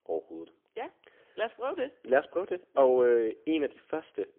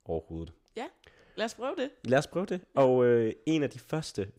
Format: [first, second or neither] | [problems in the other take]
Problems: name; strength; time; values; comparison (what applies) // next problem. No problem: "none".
second | phone-call audio; poor line; nothing above 3.5 kHz